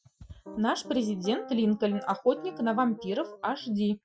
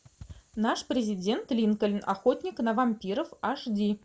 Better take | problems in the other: second | noise reduction (classical method Wiener filter)

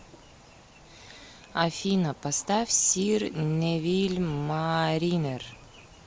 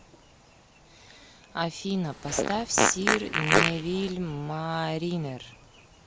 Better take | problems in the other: first | background sound (Fart); 5 dB above the speech

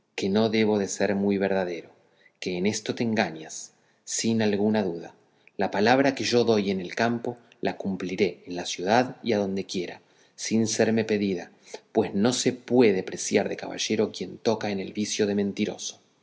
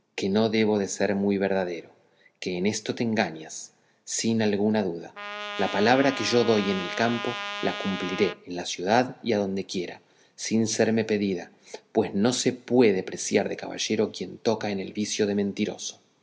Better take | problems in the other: first | background sound (Trumpet); 9 dB below the speech

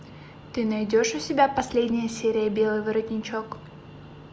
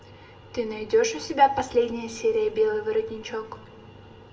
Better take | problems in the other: first | room echo; dies away in 1.7 s

